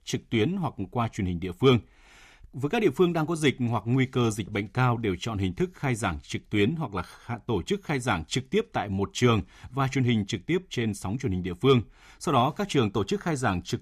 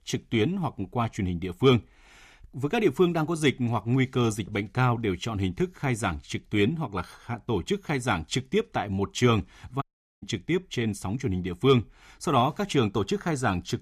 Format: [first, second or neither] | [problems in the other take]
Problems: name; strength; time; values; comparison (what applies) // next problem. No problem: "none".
first | audio cutting out; at 10 s